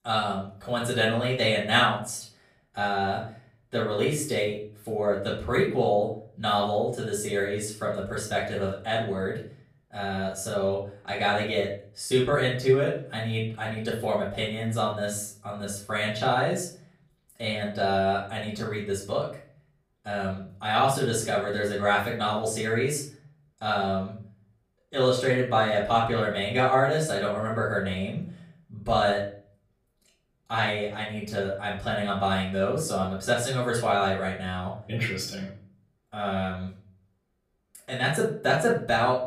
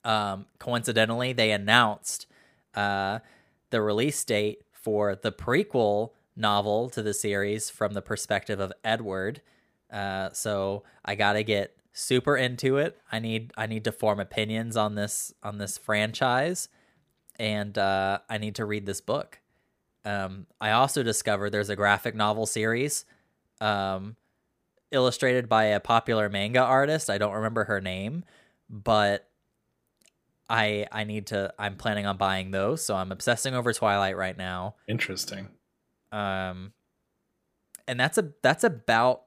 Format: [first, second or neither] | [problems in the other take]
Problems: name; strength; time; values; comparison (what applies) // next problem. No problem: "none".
second | room echo; slight; dies away in 0.4 s // off-mic speech; far